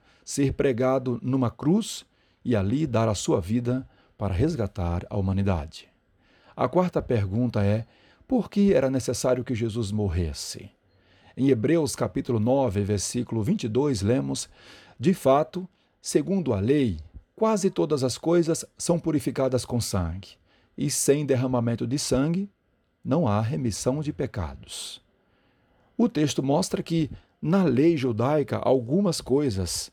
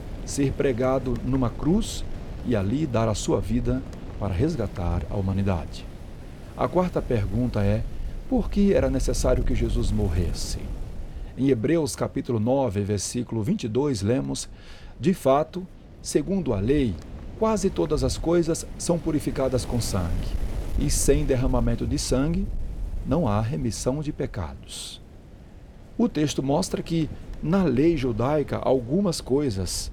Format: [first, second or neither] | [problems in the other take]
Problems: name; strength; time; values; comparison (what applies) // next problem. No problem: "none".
first | wind noise on the microphone; occasional gusts; 20 dB below the speech